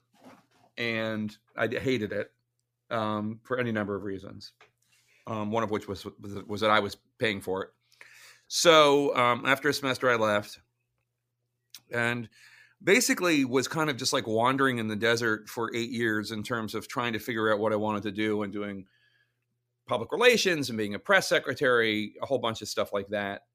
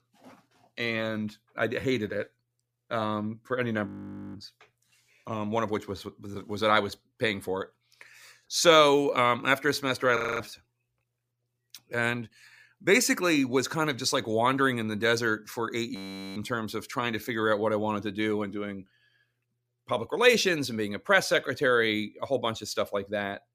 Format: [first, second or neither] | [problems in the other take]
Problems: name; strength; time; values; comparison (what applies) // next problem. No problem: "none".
first | audio freezing; at 4 s, at 10 s and at 16 s